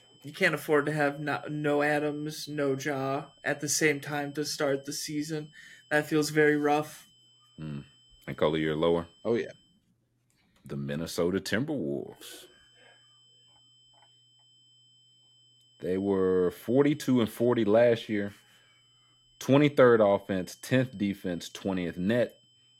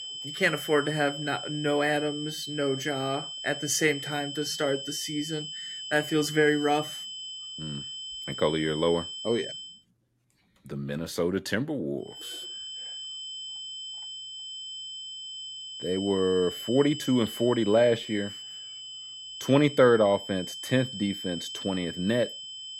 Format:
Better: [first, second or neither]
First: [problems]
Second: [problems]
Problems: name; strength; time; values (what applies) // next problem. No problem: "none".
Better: first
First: high-pitched whine; faint; until 9.5 s and from 12 s on; 3 kHz, 30 dB below the speech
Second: high-pitched whine; loud; until 9.5 s and from 12 s on; 3 kHz, 9 dB below the speech